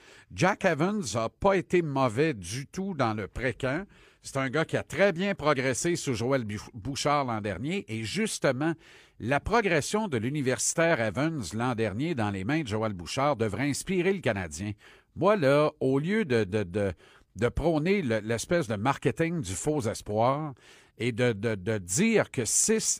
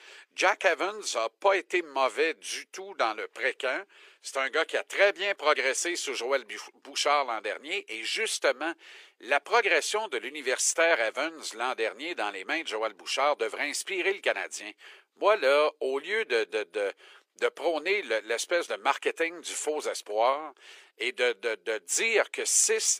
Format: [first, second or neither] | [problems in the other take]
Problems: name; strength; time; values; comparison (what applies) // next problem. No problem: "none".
first | thin; very; fading below 400 Hz